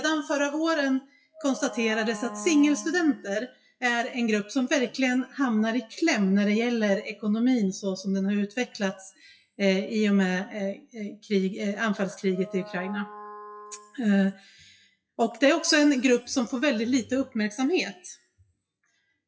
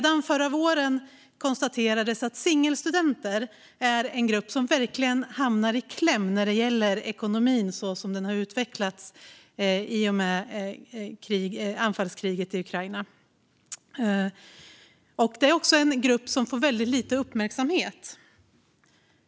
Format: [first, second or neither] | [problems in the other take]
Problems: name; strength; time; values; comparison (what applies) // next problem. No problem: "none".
second | noise reduction (classical method WPE with log-MMSE)